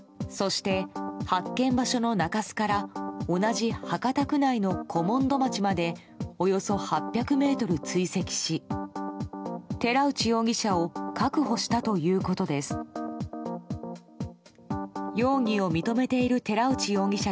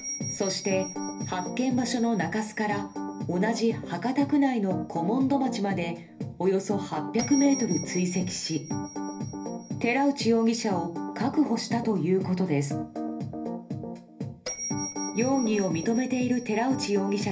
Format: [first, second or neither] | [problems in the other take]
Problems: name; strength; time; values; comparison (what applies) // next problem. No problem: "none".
first | background sound (Bell); 16 dB below the speech // room echo; dies away in 0.3 s